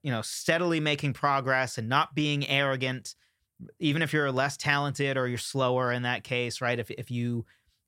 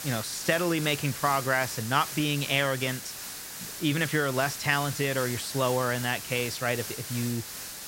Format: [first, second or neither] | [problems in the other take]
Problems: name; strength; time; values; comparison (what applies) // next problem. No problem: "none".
first | hiss; loud; throughout; 8 dB below the speech